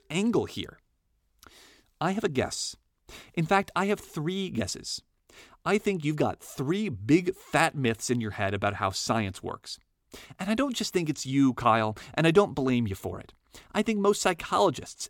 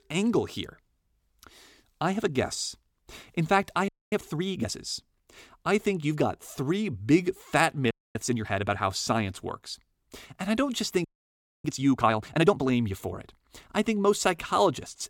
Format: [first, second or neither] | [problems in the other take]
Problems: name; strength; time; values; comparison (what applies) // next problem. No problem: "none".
first | audio freezing; at 4 s, at 8 s and at 11 s for 0.5 s